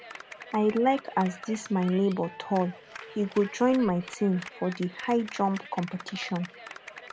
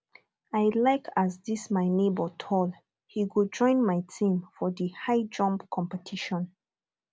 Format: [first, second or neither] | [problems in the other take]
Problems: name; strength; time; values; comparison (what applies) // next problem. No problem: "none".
second | background sound (Clapping); 16 dB below the speech